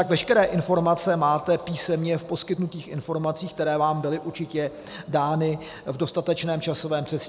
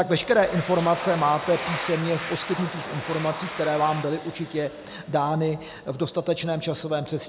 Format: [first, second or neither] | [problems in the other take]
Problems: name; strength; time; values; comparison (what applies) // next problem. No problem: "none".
first | background sound (Domestic sounds, home sounds); 11 dB below the speech